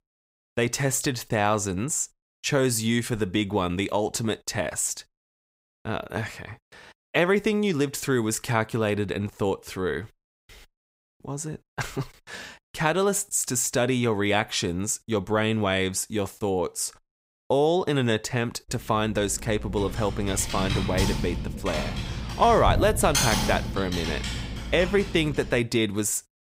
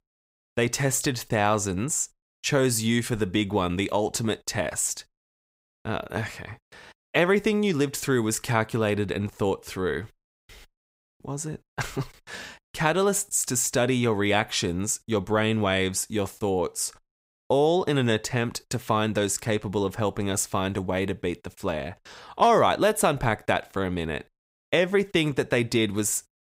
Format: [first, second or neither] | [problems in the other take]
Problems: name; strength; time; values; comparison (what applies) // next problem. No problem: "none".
second | keyboard typing; loud; from 19 to 26 s; peak 3 dB above the speech